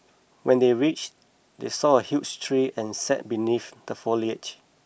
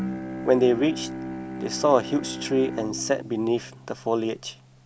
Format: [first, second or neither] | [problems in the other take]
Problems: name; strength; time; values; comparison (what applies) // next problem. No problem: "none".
first | background sound (Bowed string instrument); 10 dB below the speech